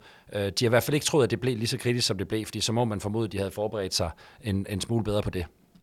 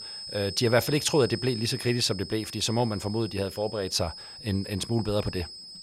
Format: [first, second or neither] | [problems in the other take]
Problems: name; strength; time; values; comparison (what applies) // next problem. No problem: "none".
first | high-pitched whine; noticeable; throughout; 5 kHz, 10 dB below the speech